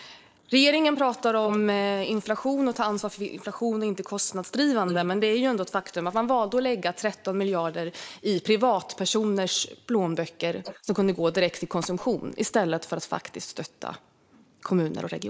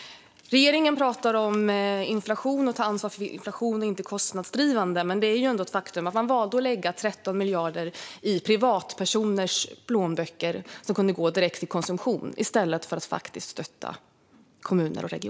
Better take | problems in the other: second | noise reduction (neural mask model Resemble Enhance denoiser)

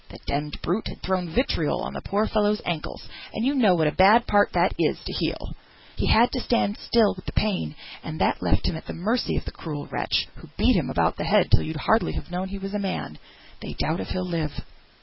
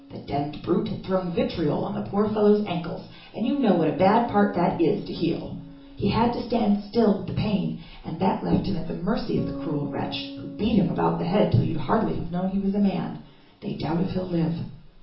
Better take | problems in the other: first | background sound (Bass guitar); 17 dB below the speech // room echo; dies away in 0.8 s

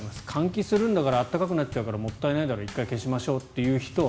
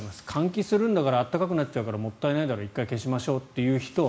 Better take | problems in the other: second | background sound (Bass drum / Snare drum / Drum kit); 16 dB below the speech

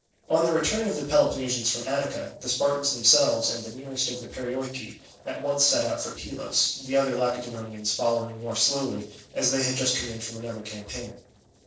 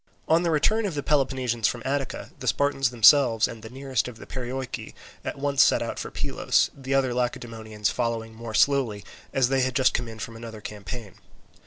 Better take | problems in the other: second | noise reduction (neural separator model SepFormer DNS4)

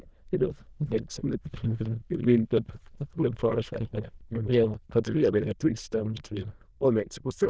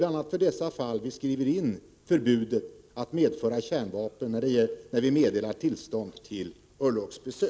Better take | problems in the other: second | noise reduction (neural diffusion model UNIVERSE++)

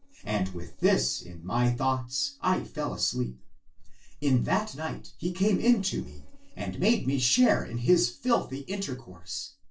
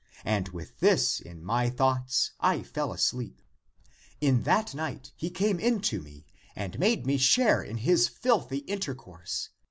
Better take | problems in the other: second | noise reduction (neural separator model SepFormer DNS4)

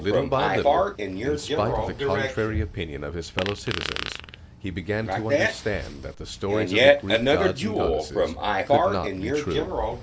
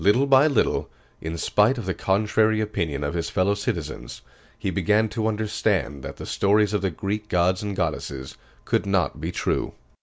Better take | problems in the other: second | background sound (Fart); 4 dB above the speech

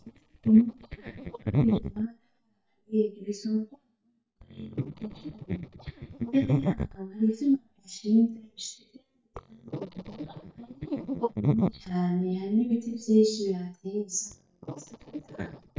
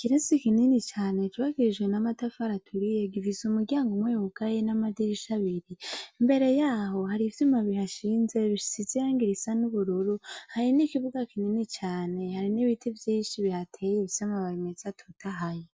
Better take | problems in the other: second | noise reduction (neural mask model DeepFilterNet 3)

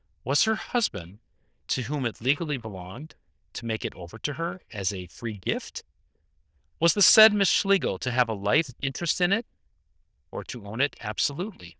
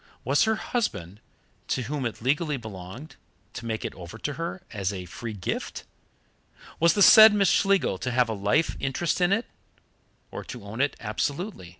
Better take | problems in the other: second | noise reduction (neural diffusion model UNIVERSE++)

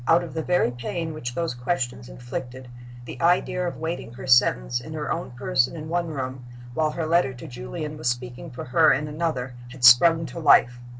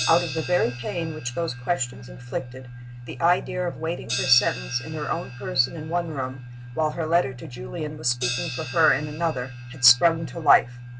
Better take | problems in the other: first | background sound (Crash cymbal); 13 dB below the speech

